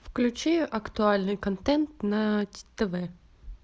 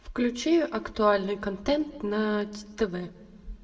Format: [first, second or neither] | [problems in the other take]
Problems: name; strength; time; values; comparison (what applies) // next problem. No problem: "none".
first | room echo; dies away in 1 s